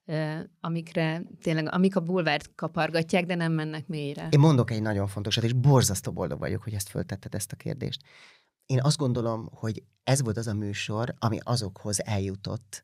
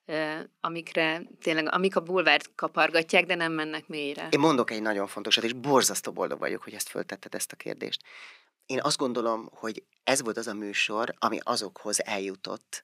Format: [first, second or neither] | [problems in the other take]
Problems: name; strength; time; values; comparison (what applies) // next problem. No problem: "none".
first | thin; somewhat; fading below 250 Hz